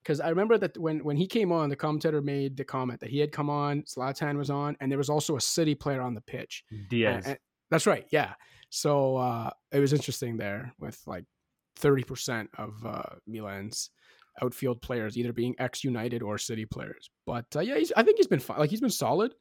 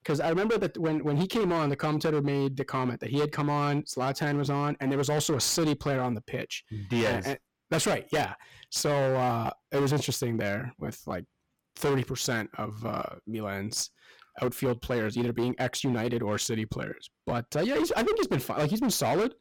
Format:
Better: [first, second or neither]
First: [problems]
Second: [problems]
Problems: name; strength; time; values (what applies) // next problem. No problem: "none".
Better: first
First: none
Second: distortion; heavy; 16% of the sound clipped